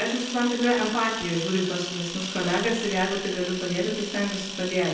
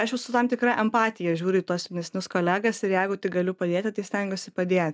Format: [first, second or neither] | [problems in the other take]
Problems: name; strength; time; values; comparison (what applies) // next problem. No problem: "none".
second | background sound (Camera); 9 dB below the speech // room echo; dies away in 0.9 s